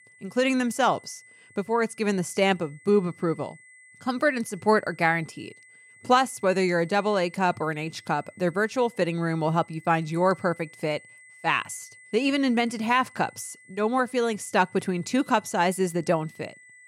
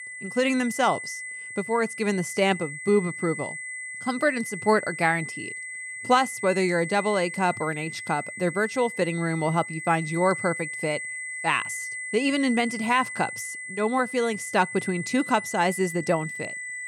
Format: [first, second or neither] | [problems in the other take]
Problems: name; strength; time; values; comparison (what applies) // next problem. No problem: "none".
first | high-pitched whine; loud; throughout; 2 kHz, 8 dB below the speech; faint in the first